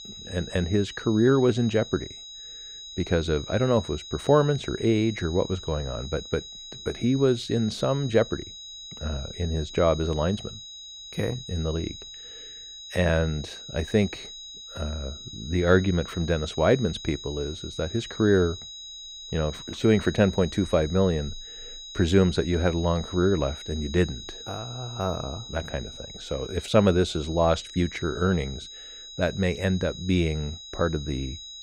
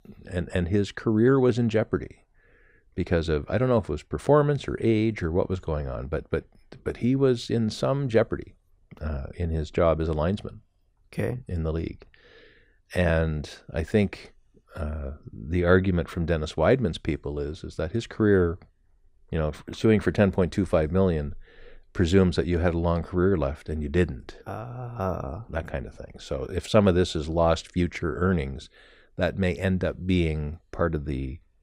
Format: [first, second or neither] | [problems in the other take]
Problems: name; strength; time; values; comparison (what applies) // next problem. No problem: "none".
second | high-pitched whine; noticeable; throughout; 4 kHz, 15 dB below the speech